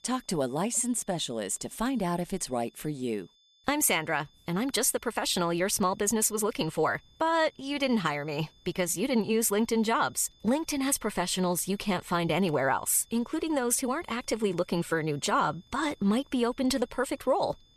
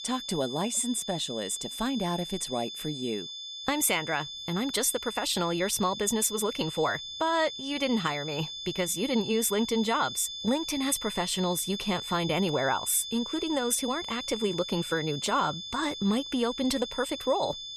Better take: first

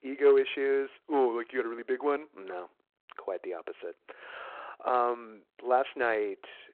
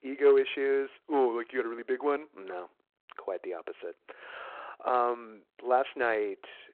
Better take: neither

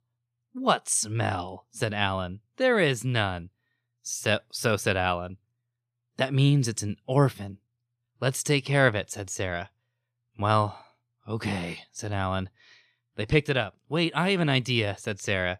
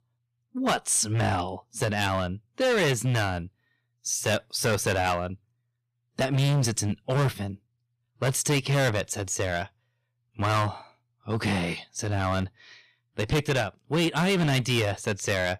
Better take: first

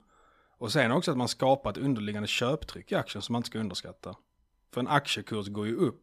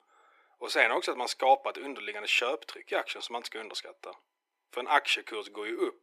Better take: first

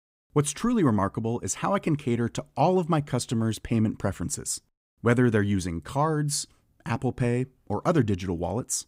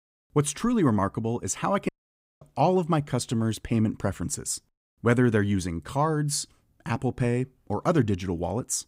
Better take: first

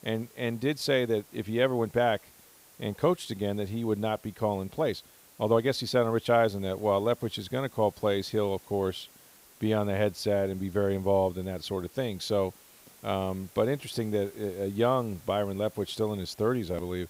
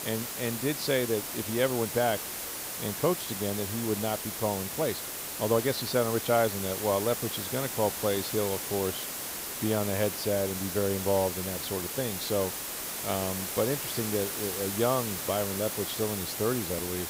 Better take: first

